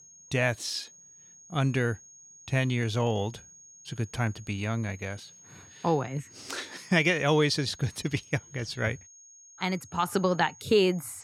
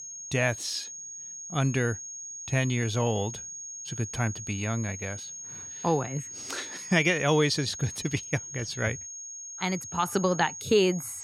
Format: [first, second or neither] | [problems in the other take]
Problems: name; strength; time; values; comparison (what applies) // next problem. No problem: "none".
first | high-pitched whine; loud; throughout; 6.5 kHz, 9 dB below the speech; faint in the first